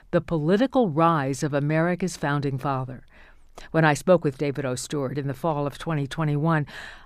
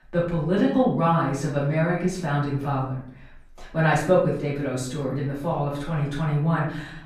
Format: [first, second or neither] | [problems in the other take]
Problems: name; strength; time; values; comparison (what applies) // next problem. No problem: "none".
first | off-mic speech; far // room echo; noticeable; dies away in 0.6 s